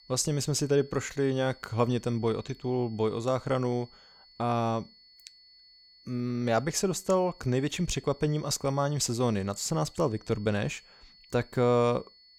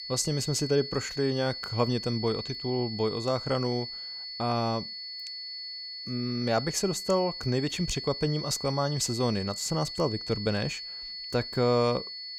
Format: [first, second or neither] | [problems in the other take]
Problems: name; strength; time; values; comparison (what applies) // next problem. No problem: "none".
first | high-pitched whine; loud; throughout; 4.5 kHz, 7 dB below the speech; faint in the first